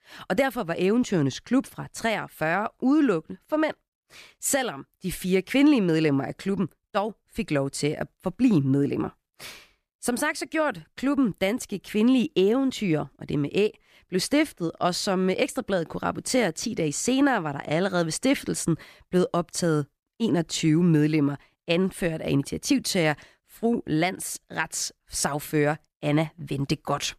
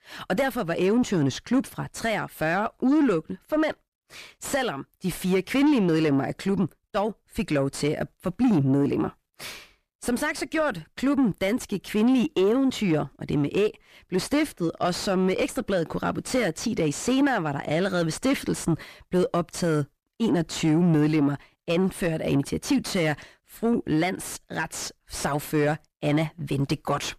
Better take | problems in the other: first | distortion; slight; 10 dB below the speech

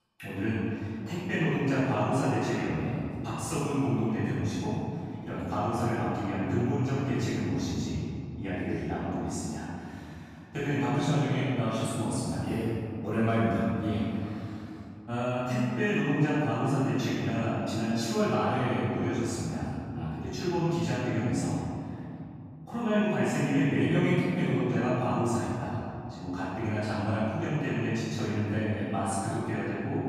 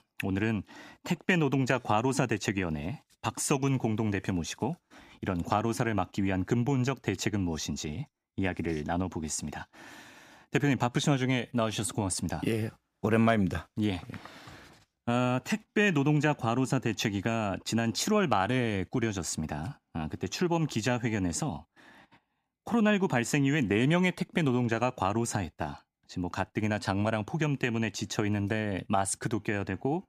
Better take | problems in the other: second | off-mic speech; far // room echo; strong; dies away in 3 s

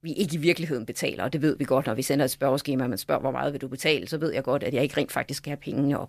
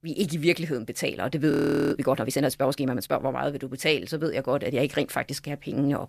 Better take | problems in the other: first | audio freezing; at 1.5 s

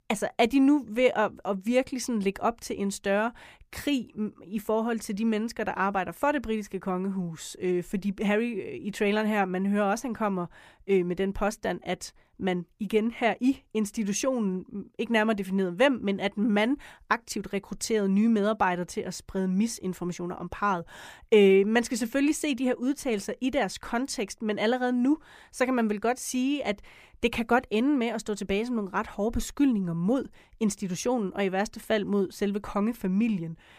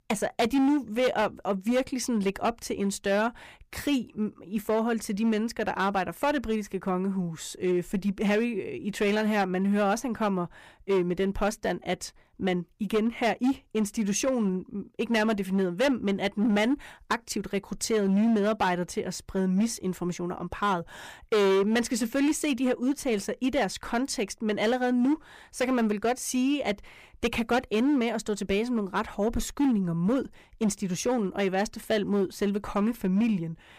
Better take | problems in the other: first | distortion; slight; 8% of the sound clipped

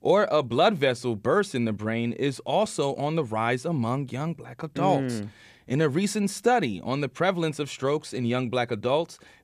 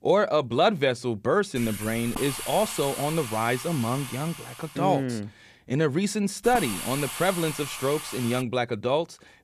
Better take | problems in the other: first | hiss; loud; from 1.5 to 5 s and from 6.5 to 8.5 s; 8 dB below the speech

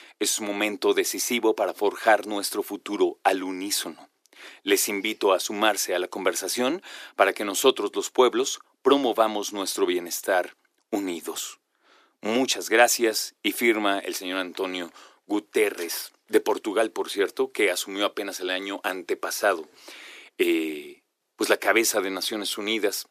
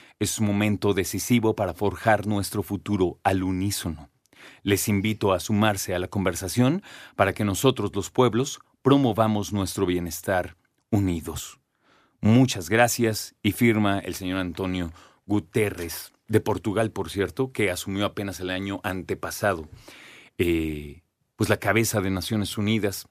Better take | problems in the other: second | thin; somewhat; fading below 350 Hz

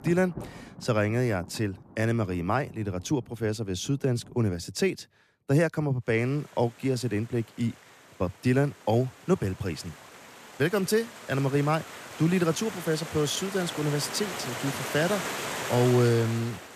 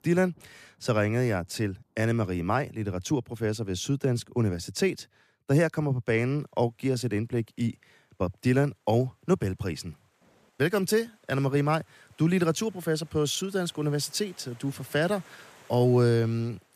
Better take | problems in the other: second | rain or running water; loud; throughout; 10 dB below the speech; faint in the second

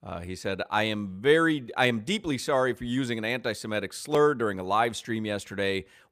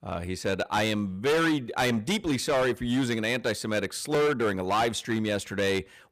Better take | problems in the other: first | distortion; heavy; 13% of the sound clipped

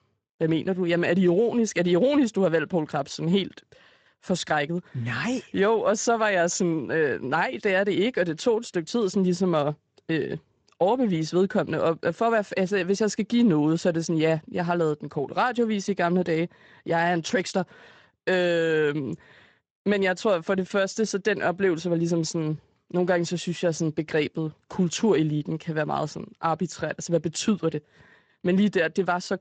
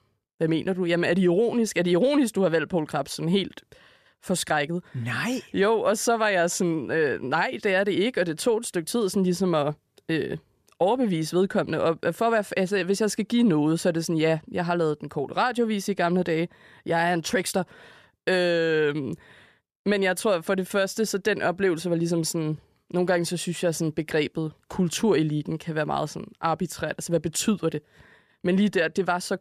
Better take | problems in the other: second | garbled, watery; slightly; nothing above 7.5 kHz

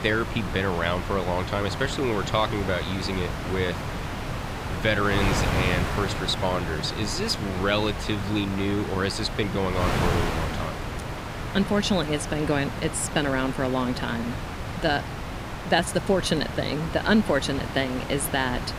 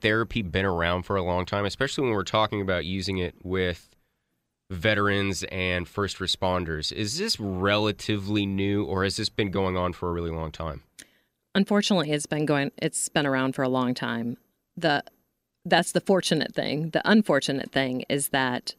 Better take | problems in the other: second | wind noise on the microphone; heavy; 5 dB below the speech

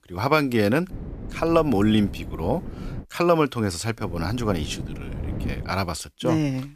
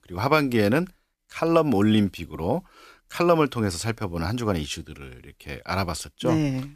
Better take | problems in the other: second | wind noise on the microphone; occasional gusts; from 1 to 3 s and from 4 to 5.5 s; 20 dB below the speech

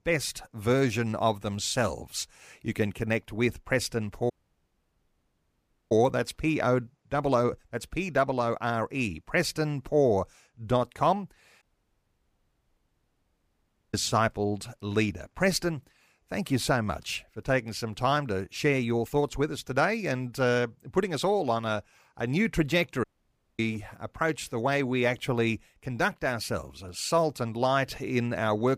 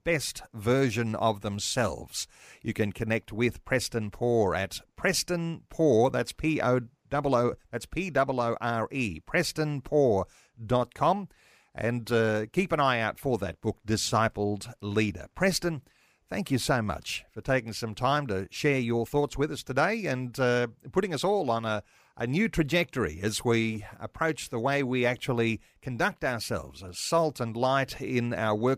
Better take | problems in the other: second | audio cutting out; at 4.5 s for 1.5 s, at 12 s for 2.5 s and at 23 s for 0.5 s

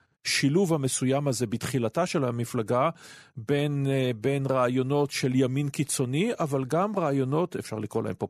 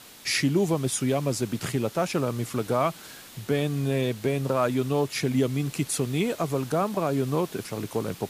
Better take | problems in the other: first | hiss; noticeable; throughout; 20 dB below the speech

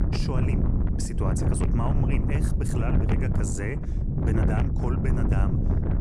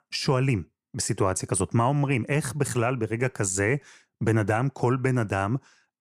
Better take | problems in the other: second | wind noise on the microphone; heavy; 1 dB above the speech

